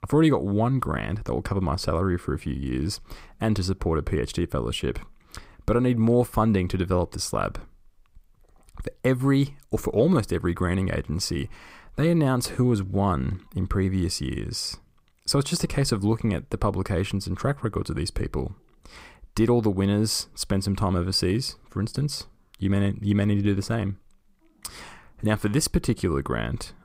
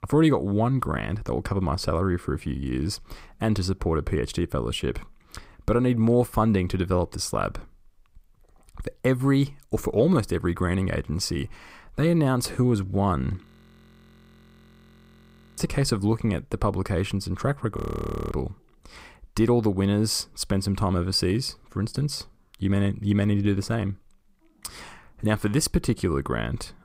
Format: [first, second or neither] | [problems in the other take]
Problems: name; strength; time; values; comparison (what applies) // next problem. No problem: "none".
first | audio freezing; at 13 s for 2 s and at 18 s for 0.5 s